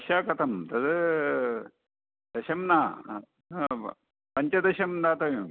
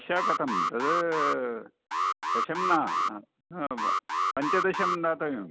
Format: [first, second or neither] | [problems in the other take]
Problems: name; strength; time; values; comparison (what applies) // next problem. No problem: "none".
first | background sound (Alarm); 1 dB above the speech